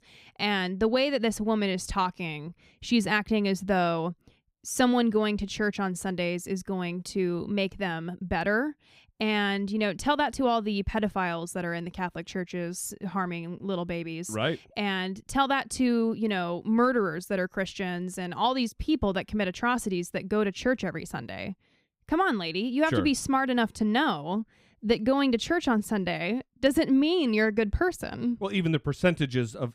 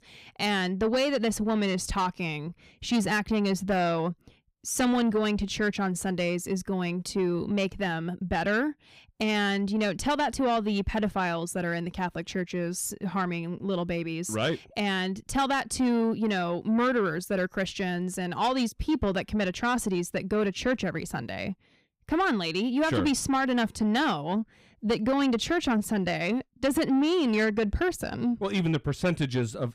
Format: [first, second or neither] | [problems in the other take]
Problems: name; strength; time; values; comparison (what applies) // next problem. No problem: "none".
first | distortion; slight; 10 dB below the speech